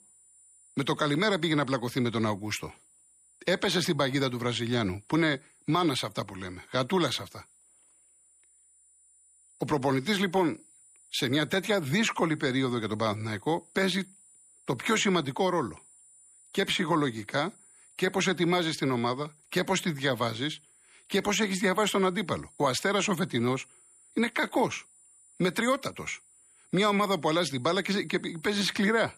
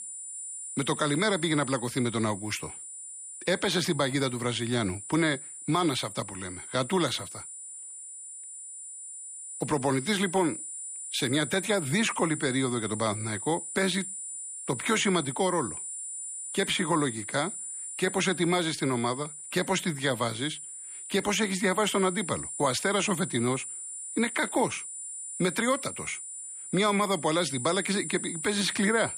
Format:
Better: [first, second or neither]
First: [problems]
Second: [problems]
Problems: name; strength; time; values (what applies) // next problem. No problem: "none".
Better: first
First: high-pitched whine; faint; throughout; 9.5 kHz, 30 dB below the speech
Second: high-pitched whine; loud; throughout; 9.5 kHz, 8 dB below the speech